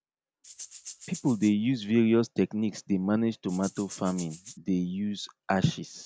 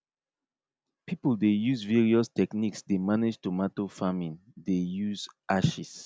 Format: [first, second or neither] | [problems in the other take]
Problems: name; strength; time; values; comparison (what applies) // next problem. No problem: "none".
second | background sound (Rattle (instrument)); 17 dB below the speech